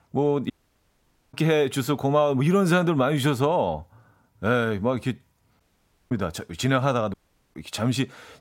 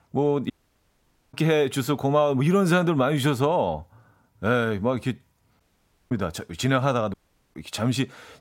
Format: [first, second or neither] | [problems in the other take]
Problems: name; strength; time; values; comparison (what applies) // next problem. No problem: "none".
neither | audio cutting out; at 0.5 s for 1 s, at 5.5 s for 0.5 s and at 7 s; the same in both